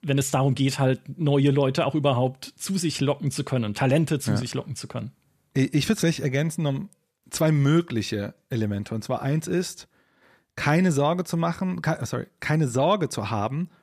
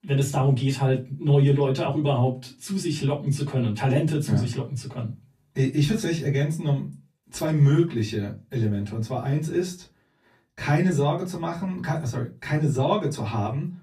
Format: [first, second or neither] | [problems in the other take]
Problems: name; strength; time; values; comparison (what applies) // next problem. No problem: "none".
first | off-mic speech; far // room echo; very slight; dies away in 0.2 s